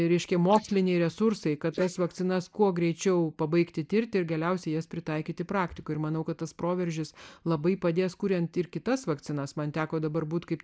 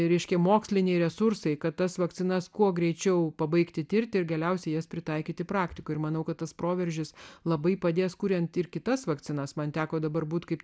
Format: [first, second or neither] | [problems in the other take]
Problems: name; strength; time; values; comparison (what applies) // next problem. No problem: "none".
second | noise reduction (neural mask model Resemble Enhance denoiser)